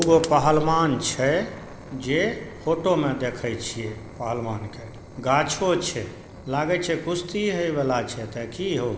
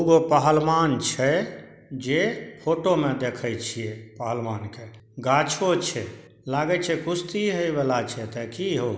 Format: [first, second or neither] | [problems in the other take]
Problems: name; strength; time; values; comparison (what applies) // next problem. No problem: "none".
second | background sound (Fire); 14 dB below the speech